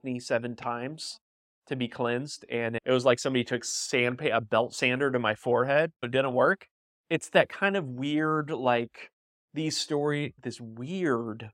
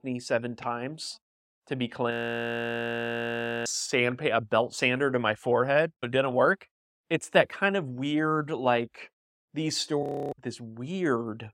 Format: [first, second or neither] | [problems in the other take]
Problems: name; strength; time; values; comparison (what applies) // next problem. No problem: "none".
first | audio freezing; at 2 s for 1.5 s and at 10 s